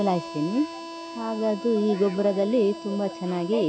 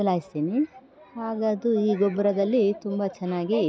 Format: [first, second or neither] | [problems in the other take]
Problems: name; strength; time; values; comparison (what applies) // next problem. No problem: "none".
second | background sound (Harmonica); 13 dB below the speech